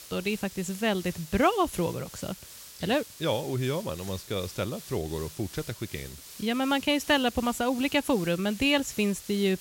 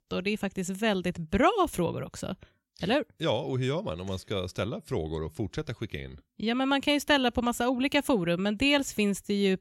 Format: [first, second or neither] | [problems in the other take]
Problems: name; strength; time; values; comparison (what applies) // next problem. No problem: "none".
second | hiss; noticeable; throughout; 15 dB below the speech